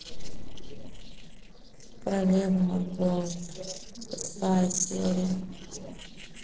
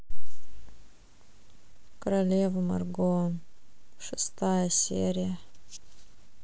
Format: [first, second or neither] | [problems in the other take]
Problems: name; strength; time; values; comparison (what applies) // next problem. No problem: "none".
second | noise reduction (neural separator model SepFormer DNS4)